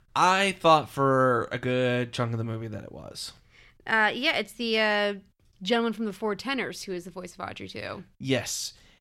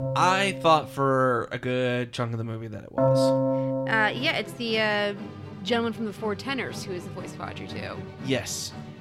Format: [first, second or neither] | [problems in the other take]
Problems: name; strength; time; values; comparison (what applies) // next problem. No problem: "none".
first | background music; loud; throughout; 5 dB below the speech